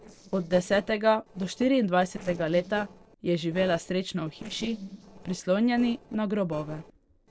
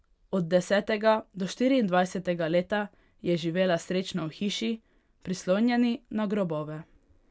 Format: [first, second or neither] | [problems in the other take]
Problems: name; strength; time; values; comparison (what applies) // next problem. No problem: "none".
second | noise reduction (neural separator model SepFormer DNS4)